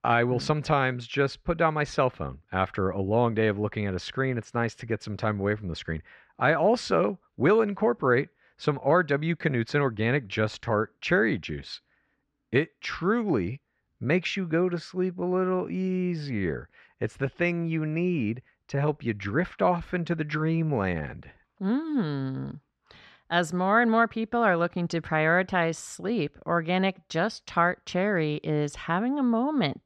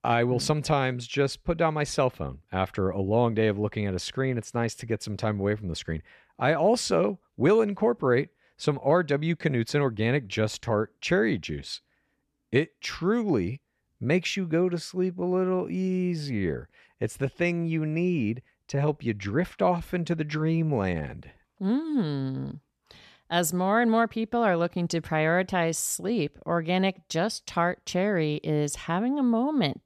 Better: second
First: muffled; very slightly; fading above 4.5 kHz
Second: none

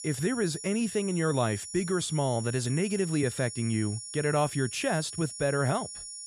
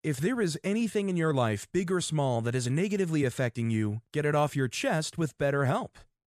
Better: second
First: high-pitched whine; loud; throughout; 10 kHz, 9 dB below the speech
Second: none

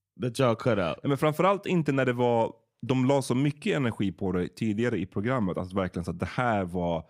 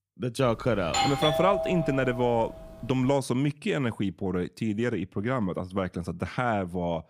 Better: first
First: none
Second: doorbell; loud; from 0.5 to 2.5 s; peak 2 dB above the speech

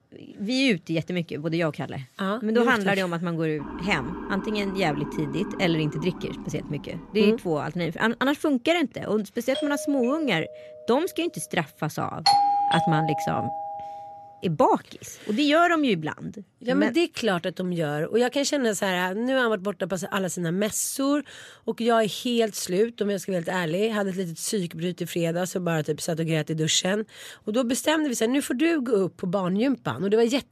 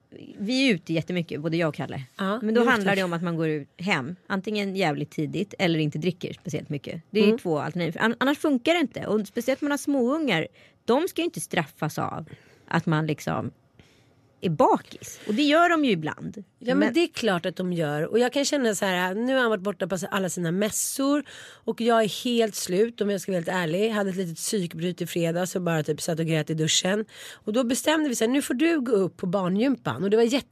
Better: second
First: siren; noticeable; from 3.5 to 7.5 s; peak 9 dB below the speech // doorbell; noticeable; from 9.5 to 11 s; peak 7 dB below the speech // doorbell; loud; from 12 to 14 s; peak 6 dB above the speech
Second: none

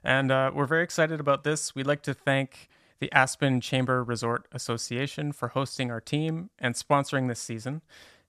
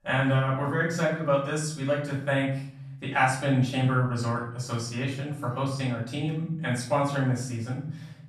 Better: first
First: none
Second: off-mic speech; far // room echo; noticeable; dies away in 0.8 s

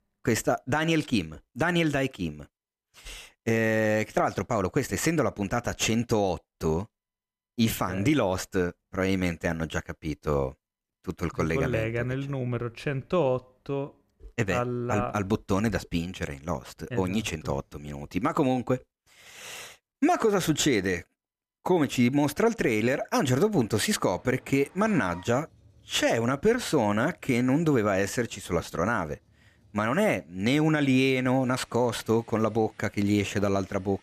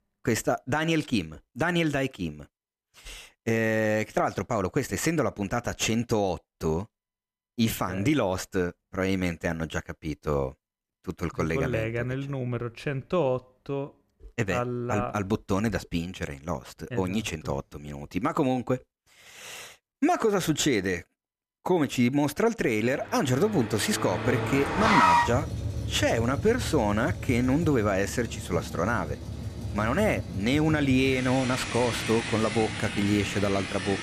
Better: first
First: traffic noise; faint; from 23 s on; 30 dB below the speech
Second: traffic noise; loud; from 23 s on; 3 dB below the speech

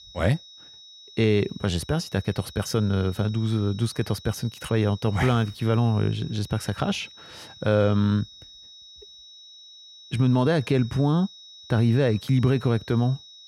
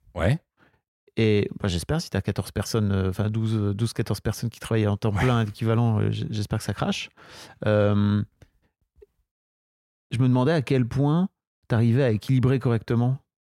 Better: second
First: high-pitched whine; noticeable; throughout; 4 kHz, 20 dB below the speech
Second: none

